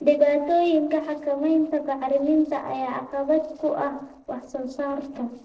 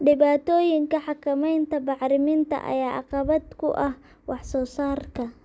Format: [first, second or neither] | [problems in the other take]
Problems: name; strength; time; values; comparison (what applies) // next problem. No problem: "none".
second | noise reduction (neural separator model SepFormer DNS4)